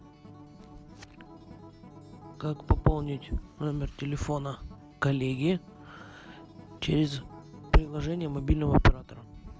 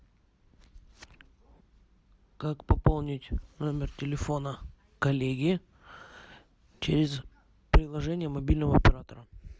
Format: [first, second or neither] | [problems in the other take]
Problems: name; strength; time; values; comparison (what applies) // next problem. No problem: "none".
second | background sound (Acoustic guitar); 19 dB below the speech